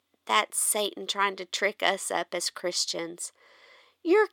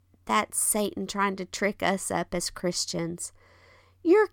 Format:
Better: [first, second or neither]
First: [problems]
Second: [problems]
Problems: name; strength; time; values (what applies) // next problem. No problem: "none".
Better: second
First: thin; somewhat; fading below 450 Hz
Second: none